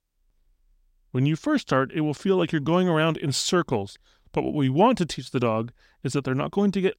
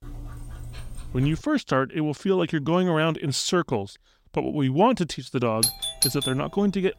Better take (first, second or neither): first